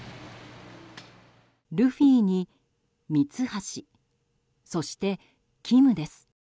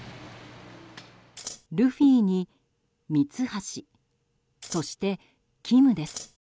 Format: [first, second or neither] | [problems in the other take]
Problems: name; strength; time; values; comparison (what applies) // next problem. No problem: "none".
first | background sound (Scissors); 13 dB below the speech